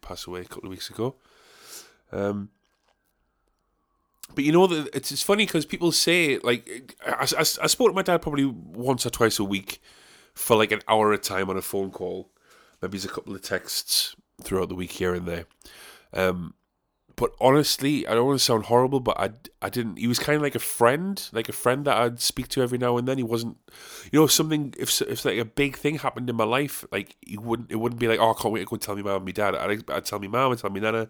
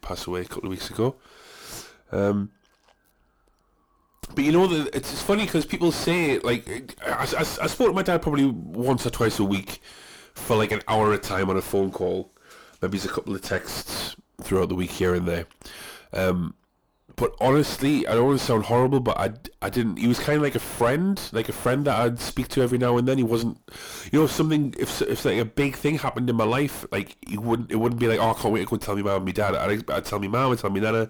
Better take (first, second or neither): first